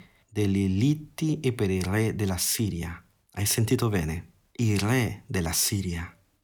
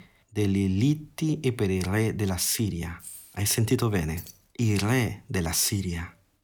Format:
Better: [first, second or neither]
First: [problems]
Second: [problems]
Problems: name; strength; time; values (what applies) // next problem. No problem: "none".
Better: first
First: none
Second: jangling keys; faint; at 3 s and at 4 s; peak 15 dB below the speech